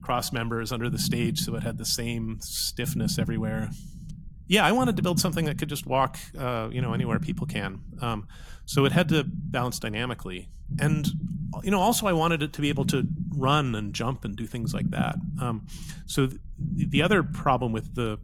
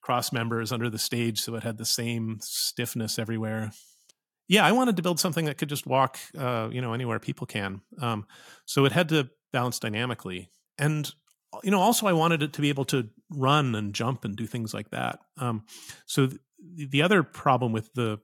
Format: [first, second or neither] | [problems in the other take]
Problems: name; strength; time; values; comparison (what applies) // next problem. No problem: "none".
second | low rumble; noticeable; throughout; 15 dB below the speech